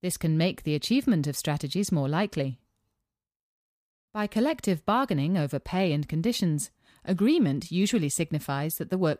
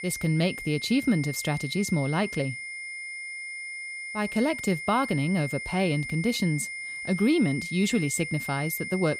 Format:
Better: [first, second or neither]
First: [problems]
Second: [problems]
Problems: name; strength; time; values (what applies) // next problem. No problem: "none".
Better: first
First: none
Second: high-pitched whine; loud; throughout; 2 kHz, 7 dB below the speech